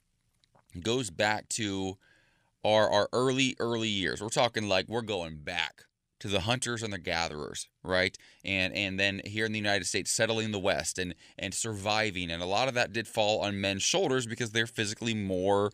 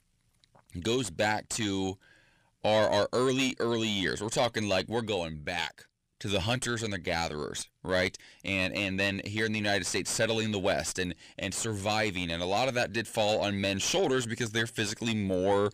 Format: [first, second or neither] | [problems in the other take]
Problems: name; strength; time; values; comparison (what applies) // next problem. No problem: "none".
first | distortion; slight; 10 dB below the speech